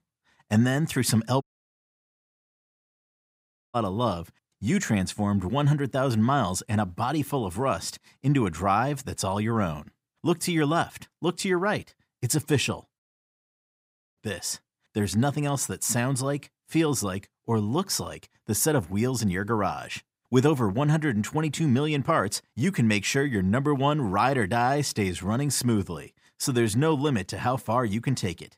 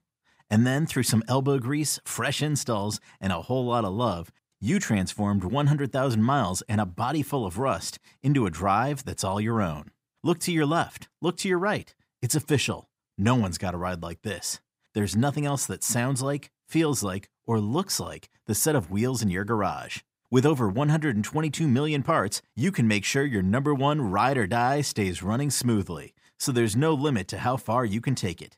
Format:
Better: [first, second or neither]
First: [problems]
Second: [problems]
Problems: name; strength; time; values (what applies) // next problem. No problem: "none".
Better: second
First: audio cutting out; at 1.5 s for 2.5 s and at 13 s for 1 s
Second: none